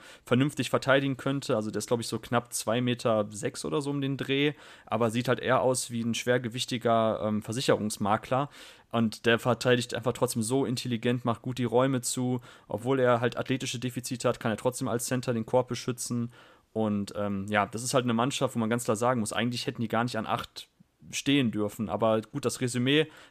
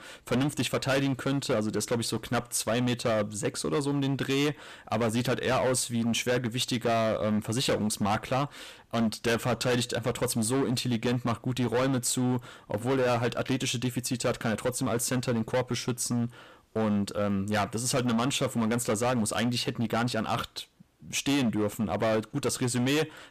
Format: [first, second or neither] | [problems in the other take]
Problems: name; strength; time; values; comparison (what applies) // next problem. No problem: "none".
first | distortion; heavy; 16% of the sound clipped